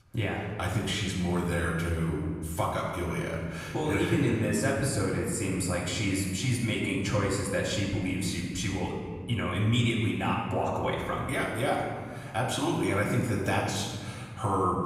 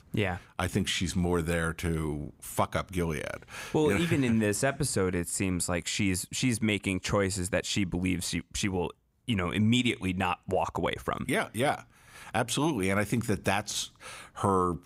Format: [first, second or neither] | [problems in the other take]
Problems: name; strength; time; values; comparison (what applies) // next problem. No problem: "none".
second | off-mic speech; far // room echo; noticeable; dies away in 2 s